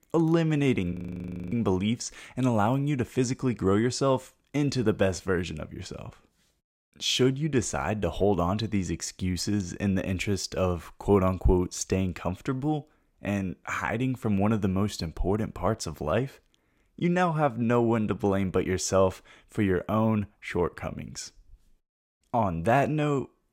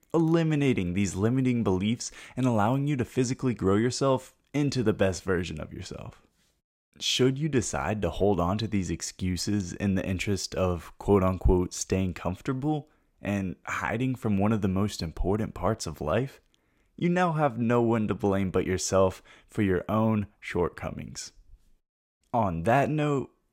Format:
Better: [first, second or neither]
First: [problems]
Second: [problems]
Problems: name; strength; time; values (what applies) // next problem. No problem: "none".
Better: second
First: audio freezing; at 1 s for 0.5 s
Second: none